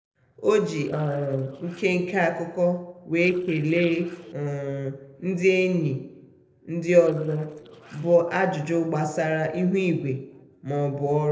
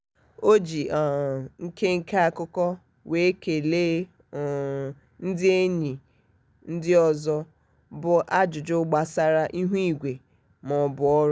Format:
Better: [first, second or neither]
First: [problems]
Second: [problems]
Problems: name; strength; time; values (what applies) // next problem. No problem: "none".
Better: second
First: noise reduction (neural separator model SepFormer DNS4)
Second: none